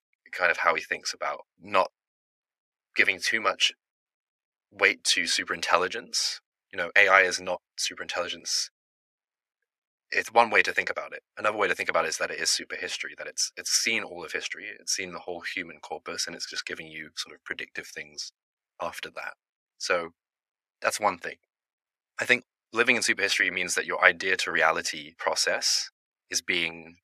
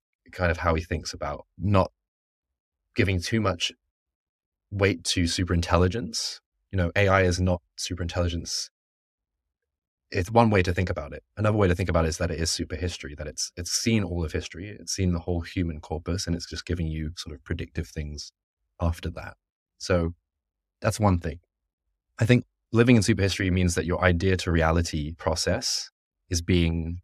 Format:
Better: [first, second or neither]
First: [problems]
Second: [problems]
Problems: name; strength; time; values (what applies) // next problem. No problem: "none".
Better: second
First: thin; very; fading below 650 Hz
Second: none